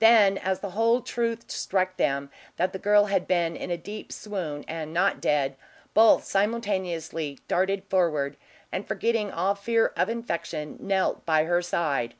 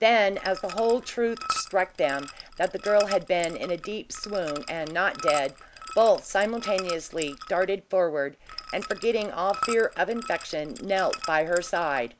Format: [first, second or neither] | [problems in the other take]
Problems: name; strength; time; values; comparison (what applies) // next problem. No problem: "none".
first | background sound (Liquid); 12 dB below the speech